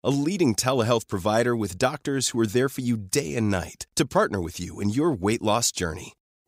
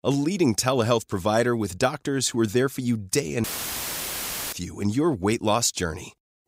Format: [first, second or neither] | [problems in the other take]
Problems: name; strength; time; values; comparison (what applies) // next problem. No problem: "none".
first | audio cutting out; filled with static; at 3.5 s for 1 s